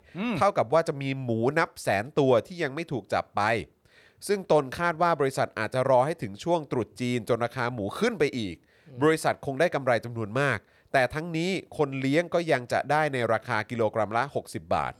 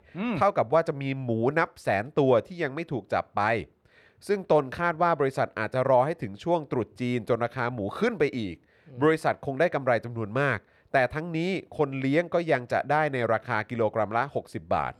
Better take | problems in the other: first | muffled; very slightly; fading above 4 kHz

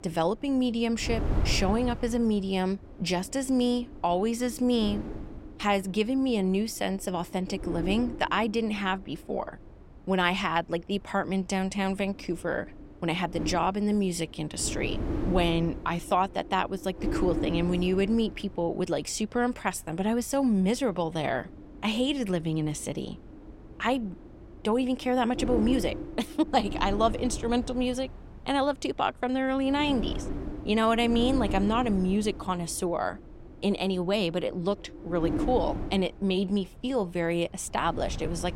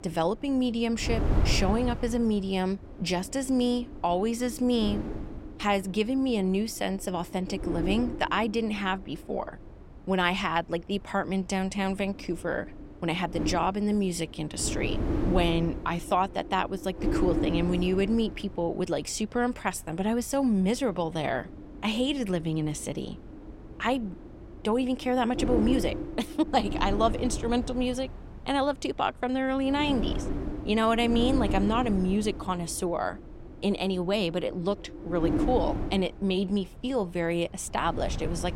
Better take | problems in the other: first | wind noise on the microphone; heavy; 10 dB below the speech; occasional gusts in the first

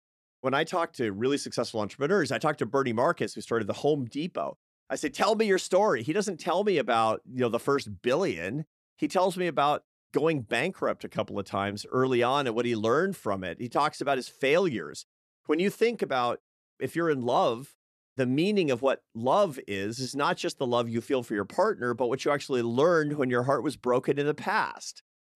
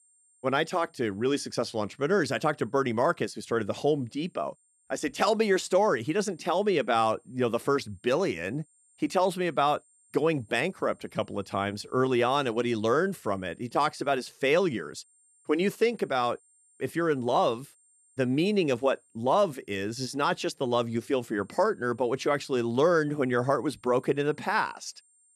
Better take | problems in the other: first | high-pitched whine; faint; throughout; 8.5 kHz, 35 dB below the speech

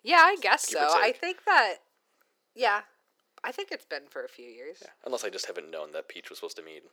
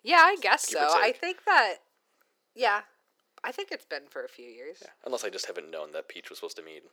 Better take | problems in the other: neither | thin; very; fading below 400 Hz; the same in both

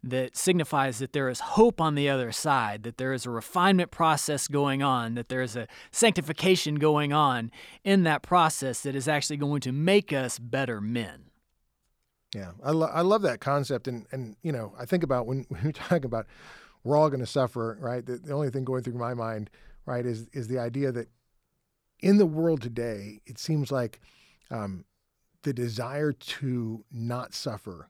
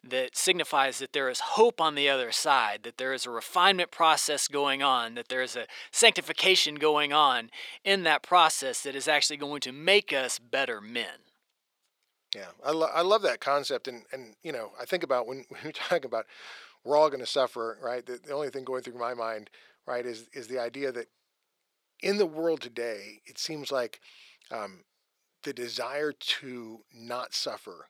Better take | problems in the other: first | thin; very; fading below 500 Hz

